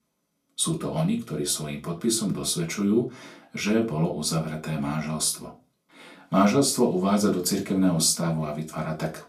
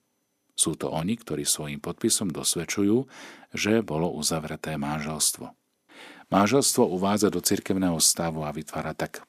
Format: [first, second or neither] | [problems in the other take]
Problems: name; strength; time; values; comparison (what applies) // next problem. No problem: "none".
second | off-mic speech; far // room echo; very slight; dies away in 0.2 s